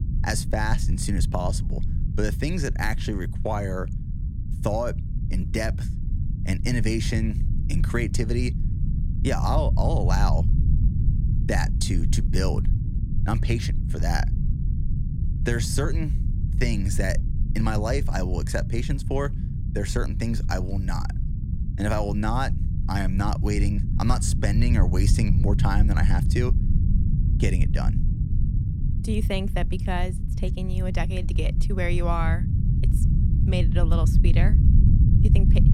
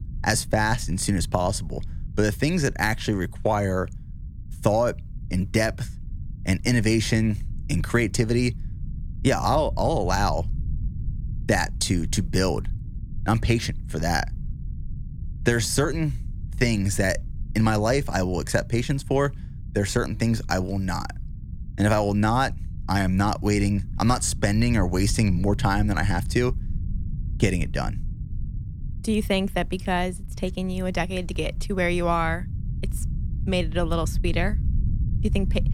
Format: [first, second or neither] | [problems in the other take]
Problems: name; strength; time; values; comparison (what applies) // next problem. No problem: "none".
second | low rumble; loud; throughout; 8 dB below the speech; faint in the second